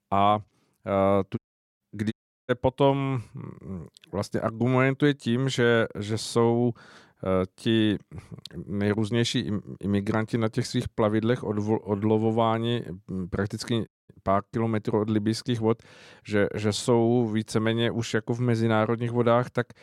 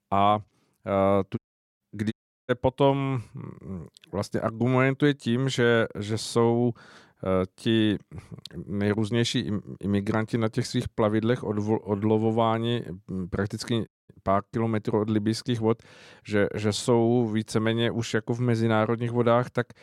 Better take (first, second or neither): neither